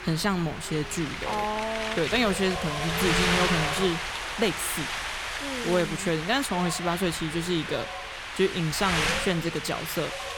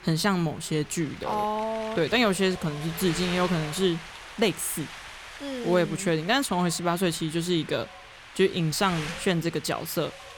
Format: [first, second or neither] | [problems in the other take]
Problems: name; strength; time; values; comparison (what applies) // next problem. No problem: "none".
second | wind noise on the microphone; heavy; as loud as the speech; occasional gusts in the second